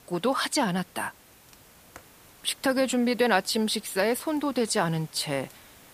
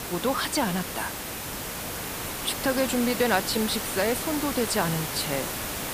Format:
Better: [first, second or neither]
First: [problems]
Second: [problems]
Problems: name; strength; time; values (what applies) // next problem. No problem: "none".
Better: first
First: hiss; faint; throughout; 25 dB below the speech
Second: hiss; loud; throughout; 4 dB below the speech